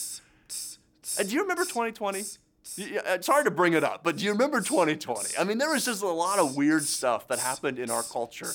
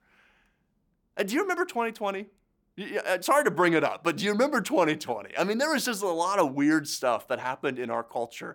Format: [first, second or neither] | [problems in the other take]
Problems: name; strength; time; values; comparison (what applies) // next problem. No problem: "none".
second | hiss; loud; throughout; 8 dB below the speech